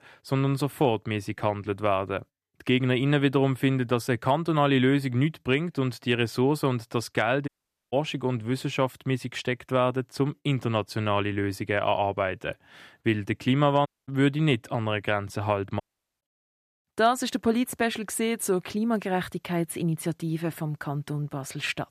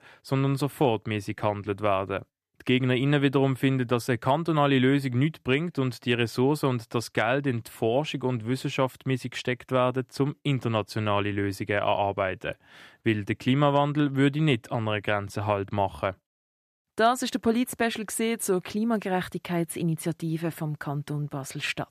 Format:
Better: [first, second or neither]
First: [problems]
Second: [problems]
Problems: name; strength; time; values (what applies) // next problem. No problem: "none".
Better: second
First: audio cutting out; at 7.5 s, at 14 s and at 16 s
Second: none